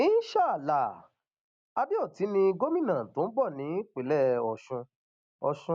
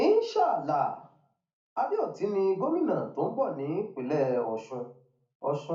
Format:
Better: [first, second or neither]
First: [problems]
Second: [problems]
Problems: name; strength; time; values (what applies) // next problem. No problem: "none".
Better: first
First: none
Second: room echo; dies away in 0.4 s